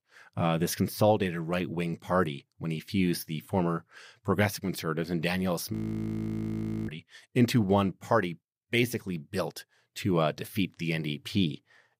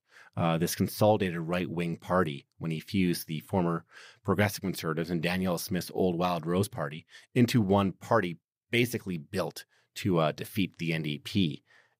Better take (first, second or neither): second